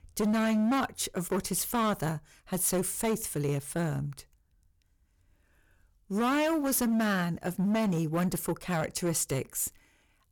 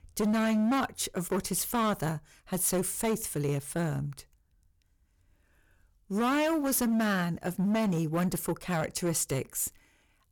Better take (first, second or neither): neither